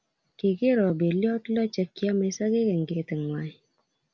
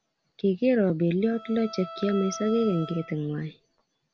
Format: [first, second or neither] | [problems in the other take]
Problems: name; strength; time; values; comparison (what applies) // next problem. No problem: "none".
first | background sound (Bowed string instrument); 15 dB below the speech